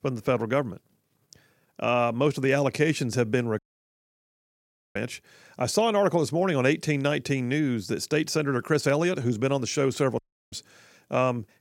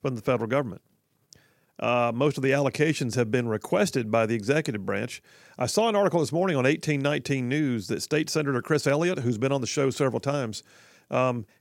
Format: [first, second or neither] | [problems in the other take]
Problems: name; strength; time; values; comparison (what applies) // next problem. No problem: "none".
second | audio cutting out; at 3.5 s for 1.5 s and at 10 s